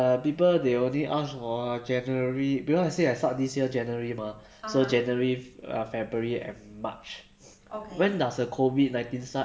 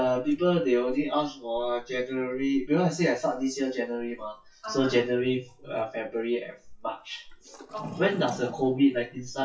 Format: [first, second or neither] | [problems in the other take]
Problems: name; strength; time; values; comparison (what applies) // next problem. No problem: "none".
first | noise reduction (classical method WPE with log-MMSE)